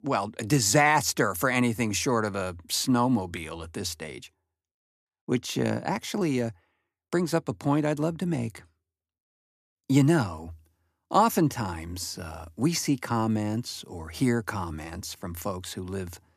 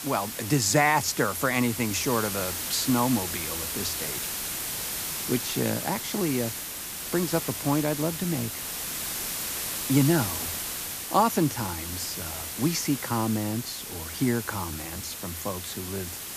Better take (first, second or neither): first